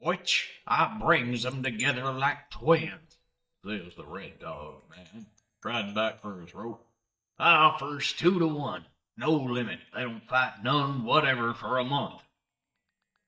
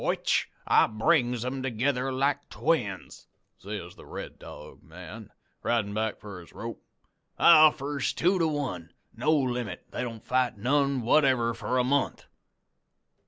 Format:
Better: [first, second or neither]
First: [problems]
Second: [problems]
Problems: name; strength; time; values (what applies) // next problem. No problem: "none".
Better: second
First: noise reduction (neural mask model DeepFilterNet 3)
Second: none